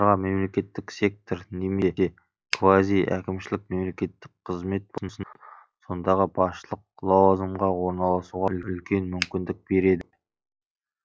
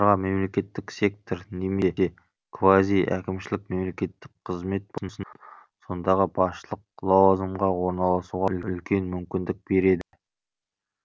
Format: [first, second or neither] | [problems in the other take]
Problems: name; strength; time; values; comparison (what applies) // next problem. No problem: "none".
second | noise reduction (classical method log-MMSE)